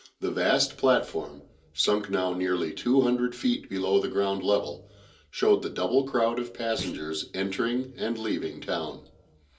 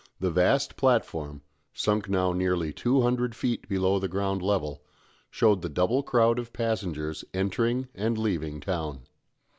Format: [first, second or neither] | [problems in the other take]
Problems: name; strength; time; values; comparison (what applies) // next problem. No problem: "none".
second | background sound (Thump, thud); 15 dB below the speech // room echo; dies away in 0.3 s